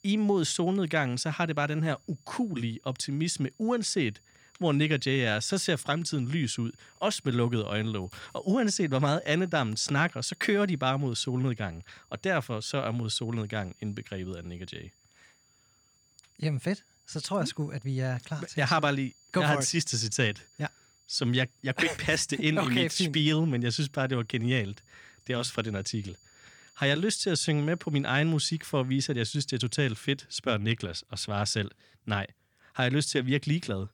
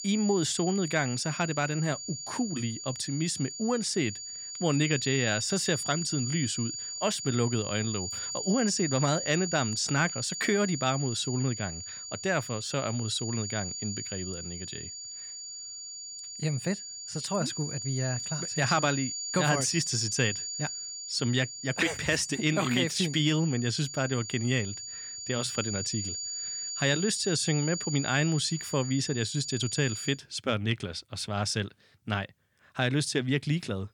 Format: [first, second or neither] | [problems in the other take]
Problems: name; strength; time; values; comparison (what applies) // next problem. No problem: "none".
first | high-pitched whine; loud; until 30 s; 7 kHz, 5 dB below the speech; faint in the first